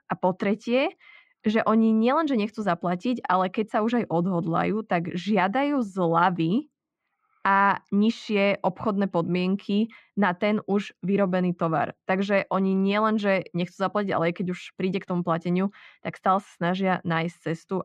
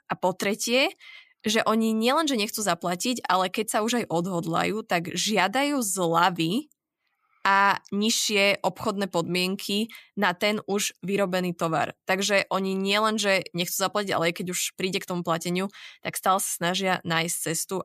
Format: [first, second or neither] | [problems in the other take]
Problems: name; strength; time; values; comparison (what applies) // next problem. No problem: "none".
second | muffled; very; fading above 2 kHz